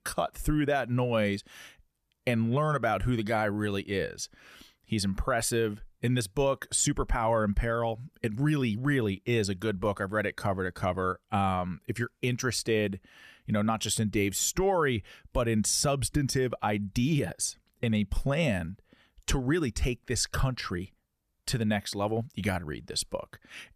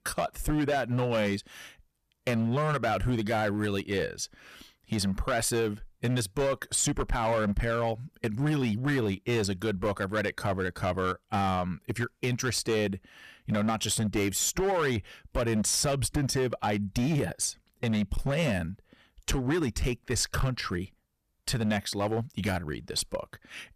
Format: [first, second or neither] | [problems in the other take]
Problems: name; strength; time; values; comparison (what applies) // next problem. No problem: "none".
first | distortion; slight; 11% of the sound clipped